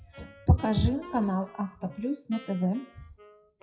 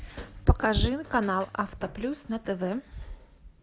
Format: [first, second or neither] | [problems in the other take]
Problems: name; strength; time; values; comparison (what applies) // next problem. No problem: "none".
second | noise reduction (classical method WPE with log-MMSE)